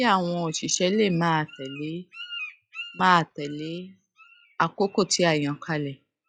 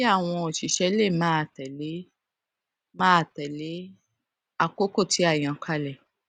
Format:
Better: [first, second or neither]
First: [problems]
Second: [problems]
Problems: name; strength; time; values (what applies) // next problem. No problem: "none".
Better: second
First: noise reduction (classical method log-MMSE)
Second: none